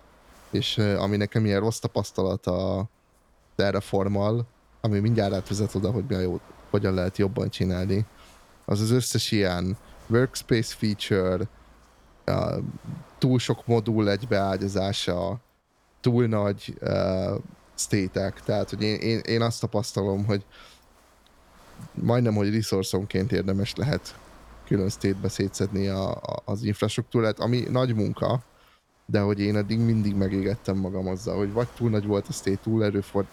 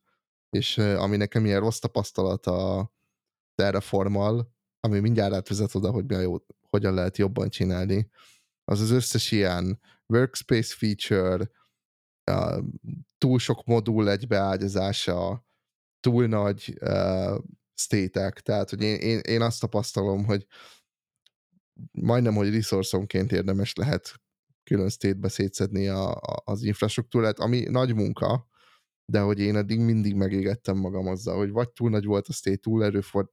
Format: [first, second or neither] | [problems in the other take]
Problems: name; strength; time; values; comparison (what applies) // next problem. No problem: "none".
second | wind noise on the microphone; occasional gusts; 25 dB below the speech